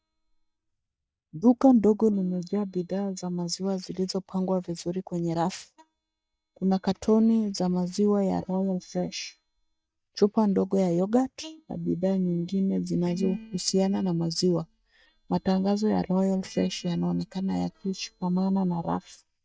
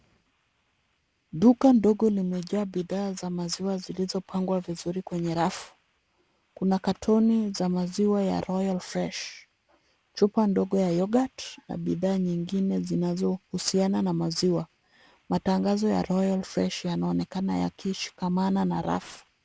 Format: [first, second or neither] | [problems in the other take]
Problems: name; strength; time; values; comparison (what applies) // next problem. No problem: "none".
second | noise reduction (neural mask model DeepFilterNet 3)